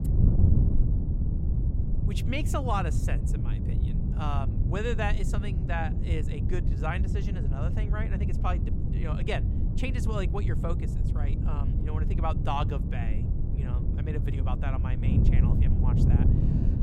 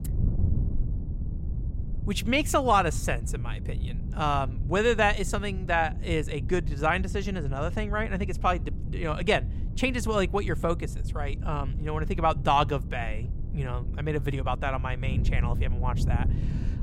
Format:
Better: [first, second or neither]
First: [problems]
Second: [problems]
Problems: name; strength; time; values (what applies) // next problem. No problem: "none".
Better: second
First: wind noise on the microphone; heavy; 5 dB below the speech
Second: wind noise on the microphone; occasional gusts; 20 dB below the speech